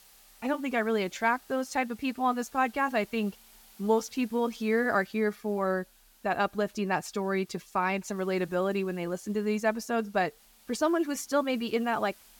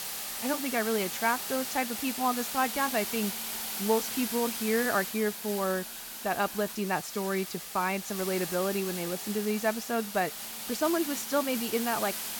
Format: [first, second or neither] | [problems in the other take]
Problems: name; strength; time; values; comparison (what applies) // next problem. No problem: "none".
first | hiss; loud; throughout; 4 dB below the speech; faint in the first